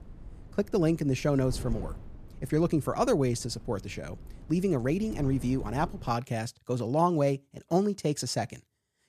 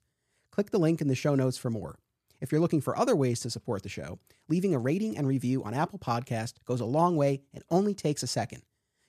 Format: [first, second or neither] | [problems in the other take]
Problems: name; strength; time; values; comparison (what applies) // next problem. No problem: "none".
second | wind noise on the microphone; occasional gusts; until 6 s; 25 dB below the speech